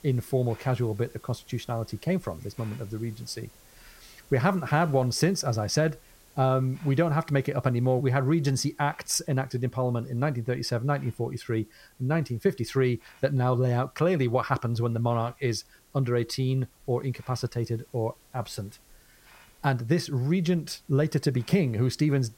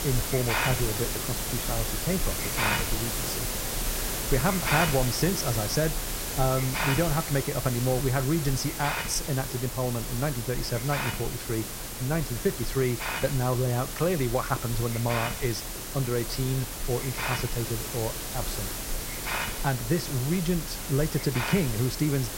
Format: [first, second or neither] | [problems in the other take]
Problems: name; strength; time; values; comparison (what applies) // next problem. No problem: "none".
first | hiss; loud; throughout; 2 dB below the speech; faint in the first